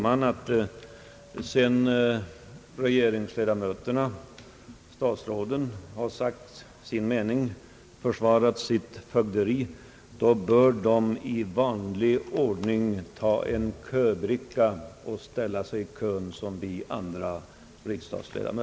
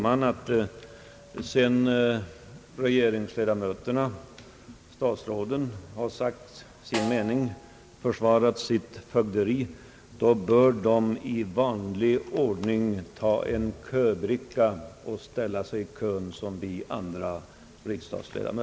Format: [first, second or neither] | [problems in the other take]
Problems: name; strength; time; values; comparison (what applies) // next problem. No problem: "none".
first | background sound (Snare drum); 14 dB below the speech